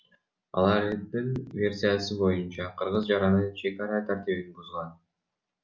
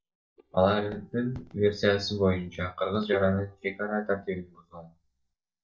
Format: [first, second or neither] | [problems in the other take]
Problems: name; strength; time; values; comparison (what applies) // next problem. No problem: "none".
first | noise reduction (neural mask model DeepFilterNet 3)